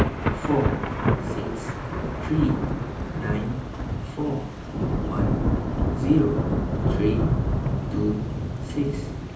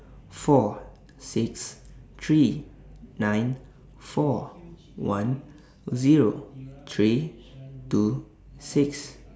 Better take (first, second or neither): second